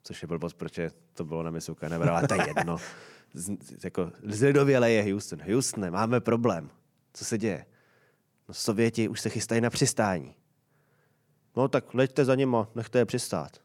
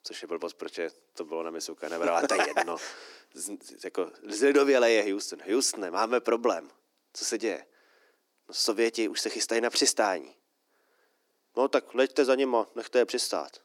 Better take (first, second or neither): first